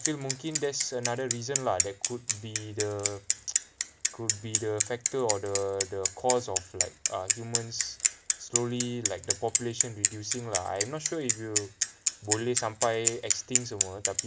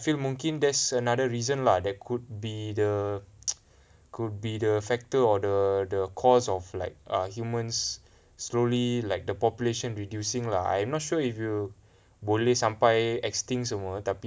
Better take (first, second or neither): second